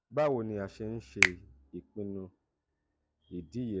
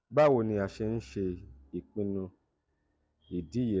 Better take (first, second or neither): second